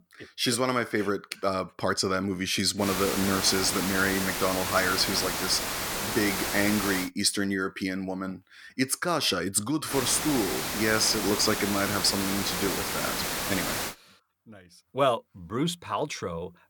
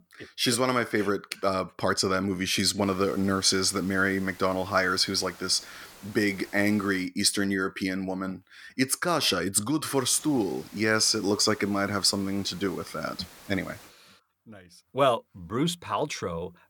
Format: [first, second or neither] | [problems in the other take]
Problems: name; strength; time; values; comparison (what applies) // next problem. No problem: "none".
second | hiss; loud; from 3 to 7 s and from 10 to 14 s; 2 dB below the speech; faint in the second